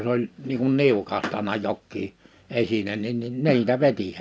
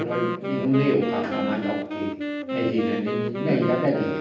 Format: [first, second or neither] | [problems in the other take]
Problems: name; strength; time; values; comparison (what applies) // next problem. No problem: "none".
first | background sound (Wind instrument, woodwind instrument); 3 dB below the speech // room echo; dies away in 0.8 s